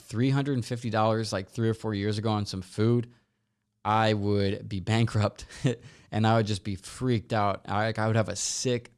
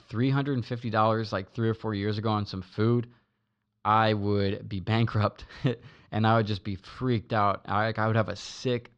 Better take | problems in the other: first | muffled; slightly; fading above 4 kHz

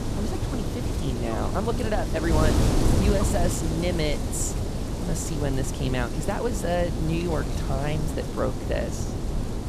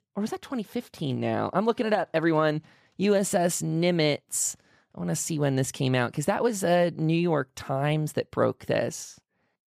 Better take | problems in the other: second | wind noise on the microphone; heavy; 3 dB below the speech

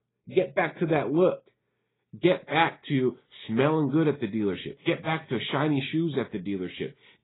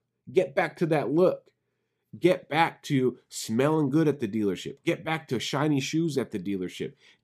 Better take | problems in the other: second | garbled, watery; badly; nothing above 4 kHz

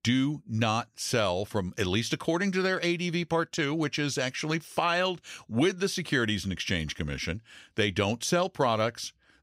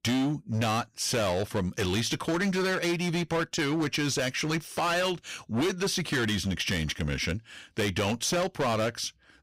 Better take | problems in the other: first | distortion; heavy; 19% of the sound clipped

